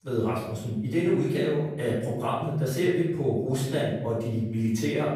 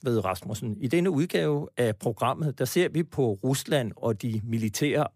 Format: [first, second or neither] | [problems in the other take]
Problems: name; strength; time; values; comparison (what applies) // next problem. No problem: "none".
second | off-mic speech; far // room echo; noticeable; dies away in 0.9 s